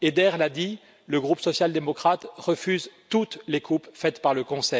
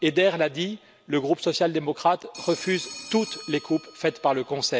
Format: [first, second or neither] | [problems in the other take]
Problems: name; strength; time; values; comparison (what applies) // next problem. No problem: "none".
first | background sound (Telephone); 18 dB below the speech